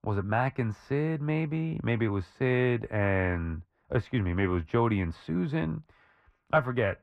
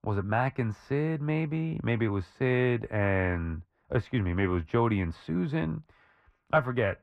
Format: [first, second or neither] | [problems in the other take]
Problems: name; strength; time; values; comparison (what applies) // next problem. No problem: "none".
neither | muffled; very; fading above 2.5 kHz; the same in both